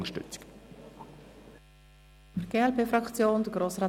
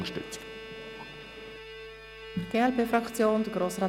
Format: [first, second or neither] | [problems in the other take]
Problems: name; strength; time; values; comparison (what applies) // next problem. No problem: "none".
first | background sound (Bowed string instrument); 13 dB below the speech